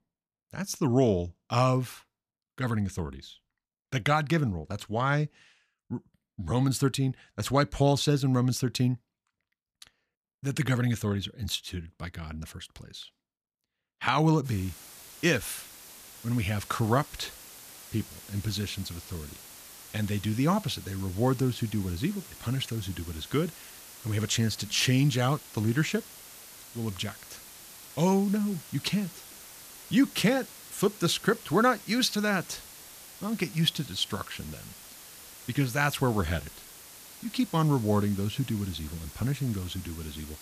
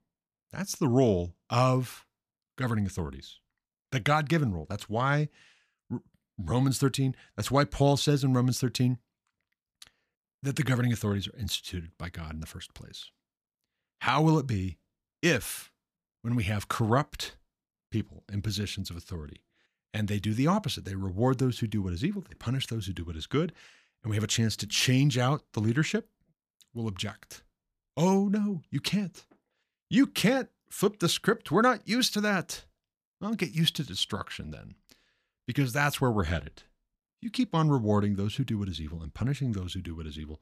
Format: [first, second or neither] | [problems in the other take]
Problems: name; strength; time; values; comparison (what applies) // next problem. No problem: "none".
second | hiss; noticeable; from 14 s on; 15 dB below the speech